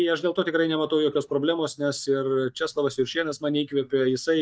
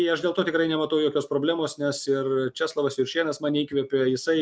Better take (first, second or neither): second